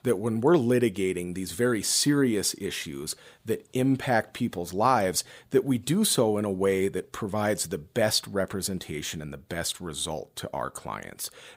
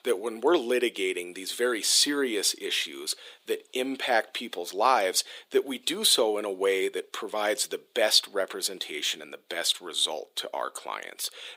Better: first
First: none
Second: thin; somewhat; fading below 350 Hz

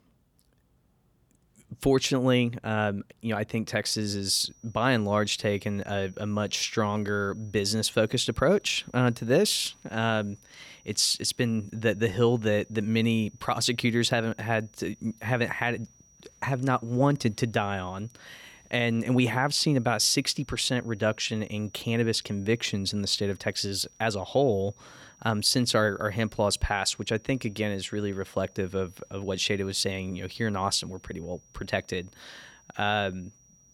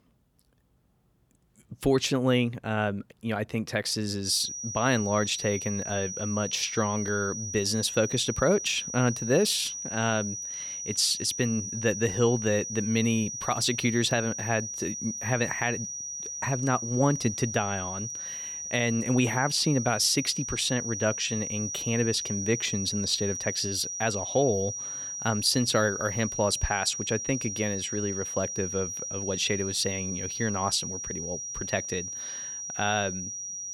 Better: first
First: high-pitched whine; faint; from 4.5 s on; 5.5 kHz, 30 dB below the speech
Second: high-pitched whine; loud; from 4.5 s on; 5.5 kHz, 5 dB below the speech

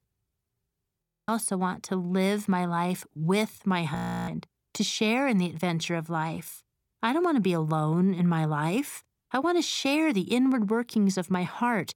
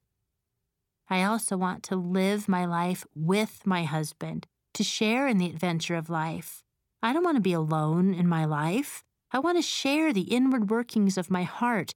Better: second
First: audio freezing; at 1 s and at 4 s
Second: none

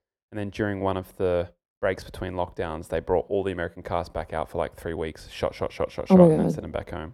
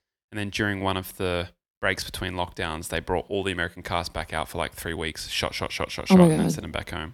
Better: second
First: muffled; very; fading above 1.5 kHz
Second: none

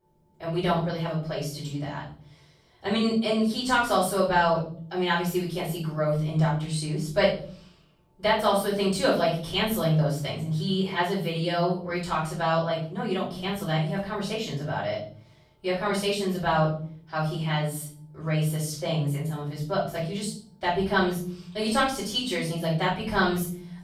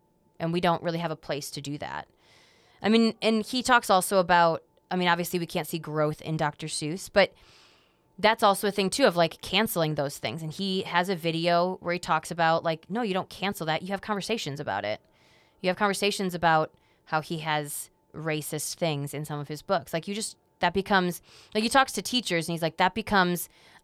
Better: second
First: off-mic speech; far // room echo; noticeable; dies away in 0.8 s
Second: none

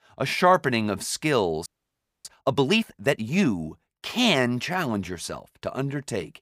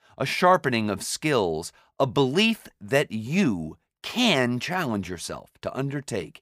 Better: second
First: audio freezing; at 1.5 s for 0.5 s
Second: none

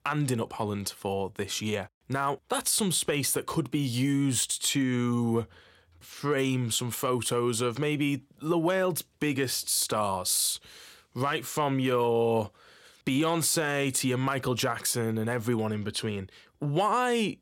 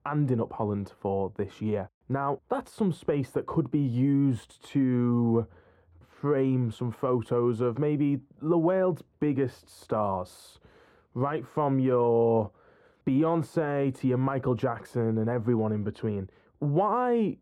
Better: first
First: none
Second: muffled; very; fading above 2 kHz

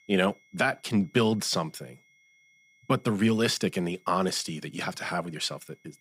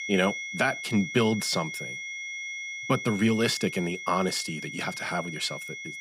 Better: first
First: high-pitched whine; faint; throughout; 2 kHz, 35 dB below the speech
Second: high-pitched whine; loud; throughout; 2 kHz, 7 dB below the speech

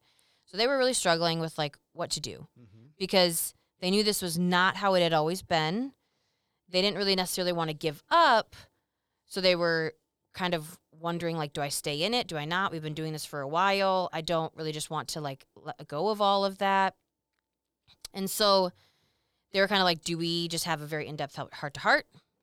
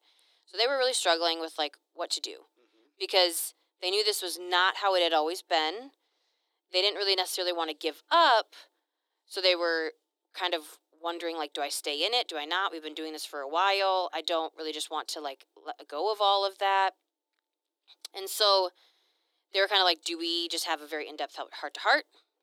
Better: first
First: none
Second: thin; very; fading below 300 Hz

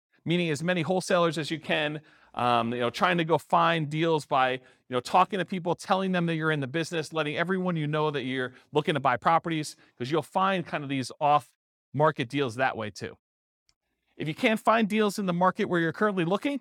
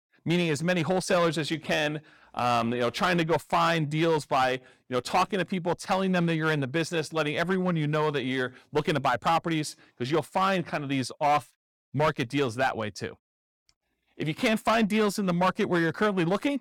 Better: first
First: none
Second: distortion; slight; 6% of the sound clipped

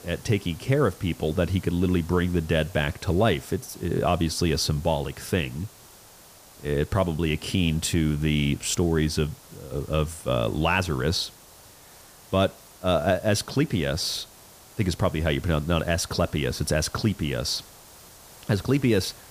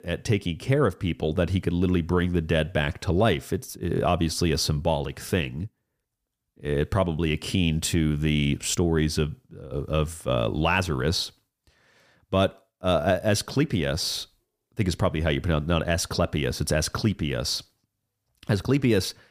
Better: second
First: hiss; faint; throughout; 20 dB below the speech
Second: none

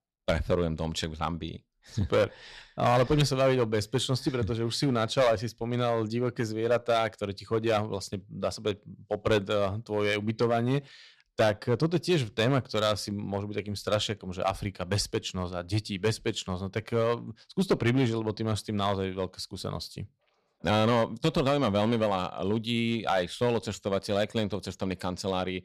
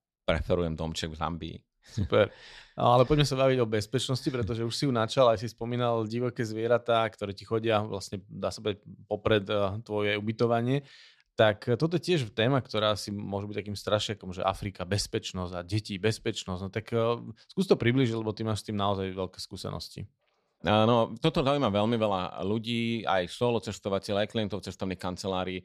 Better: second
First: distortion; slight; 3% of the sound clipped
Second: none

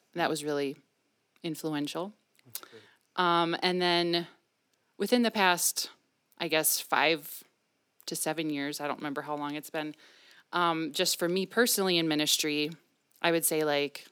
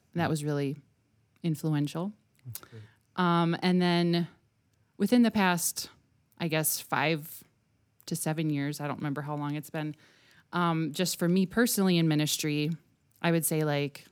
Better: second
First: thin; somewhat; fading below 400 Hz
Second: none

